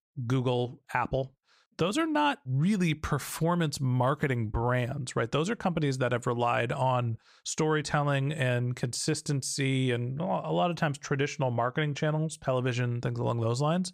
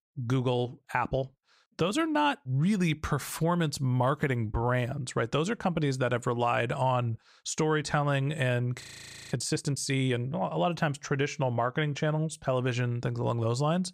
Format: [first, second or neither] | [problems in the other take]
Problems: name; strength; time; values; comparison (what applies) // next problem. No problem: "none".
first | audio freezing; at 9 s for 0.5 s